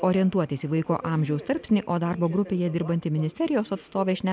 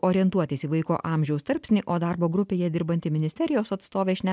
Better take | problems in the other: second | background sound (Subway, metro, underground); 18 dB below the speech

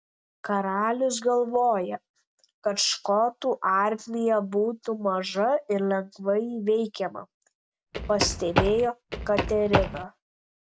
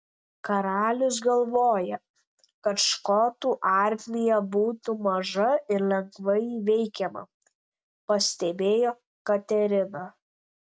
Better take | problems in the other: second | background sound (Run); 2 dB below the speech

